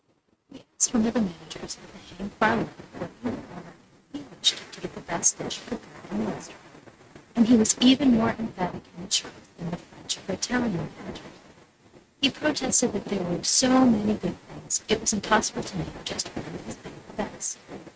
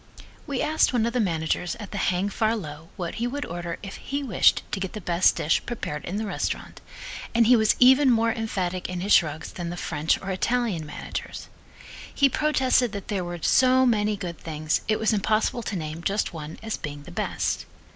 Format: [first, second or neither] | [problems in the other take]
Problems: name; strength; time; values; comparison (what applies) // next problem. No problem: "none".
second | noise reduction (neural mask model RNNoise)